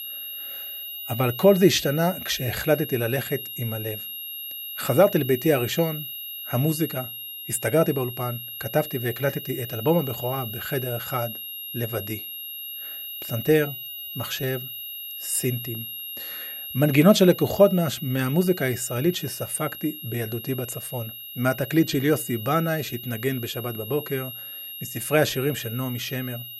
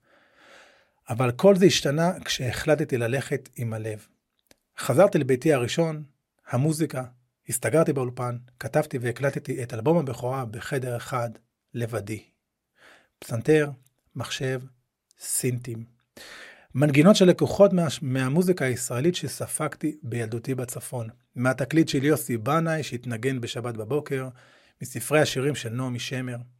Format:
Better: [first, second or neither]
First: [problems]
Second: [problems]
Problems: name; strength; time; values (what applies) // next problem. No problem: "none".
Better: second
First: high-pitched whine; loud; throughout; 11.5 kHz, 9 dB below the speech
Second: none